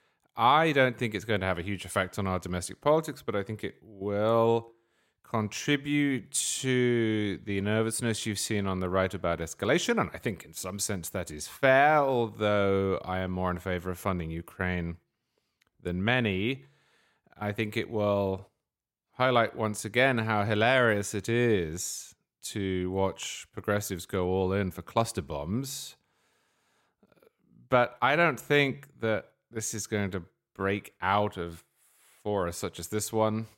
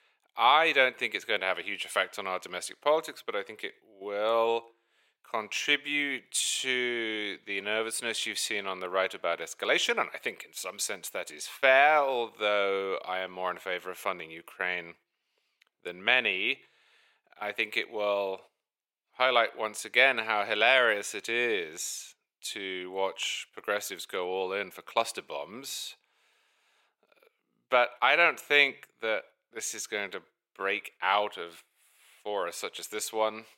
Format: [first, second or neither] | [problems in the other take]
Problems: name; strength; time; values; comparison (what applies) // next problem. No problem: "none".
first | thin; very; fading below 550 Hz